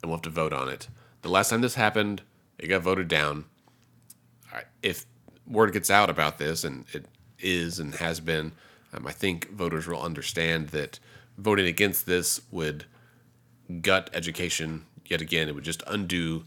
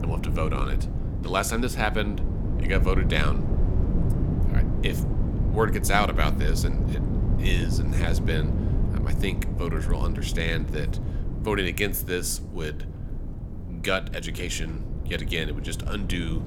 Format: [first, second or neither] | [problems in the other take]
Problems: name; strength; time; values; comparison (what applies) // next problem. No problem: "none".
first | low rumble; loud; throughout; 10 dB below the speech